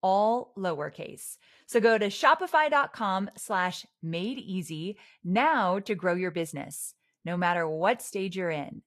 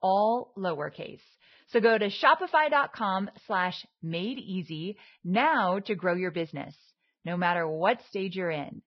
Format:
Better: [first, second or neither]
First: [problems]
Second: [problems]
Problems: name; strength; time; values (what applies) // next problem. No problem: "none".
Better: first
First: garbled, watery; slightly; nothing above 12.5 kHz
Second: garbled, watery; badly; nothing above 5.5 kHz